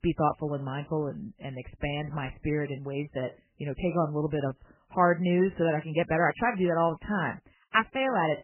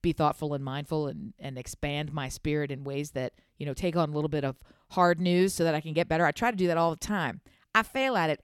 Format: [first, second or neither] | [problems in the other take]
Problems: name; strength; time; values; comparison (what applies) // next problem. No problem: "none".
second | garbled, watery; badly; nothing above 3 kHz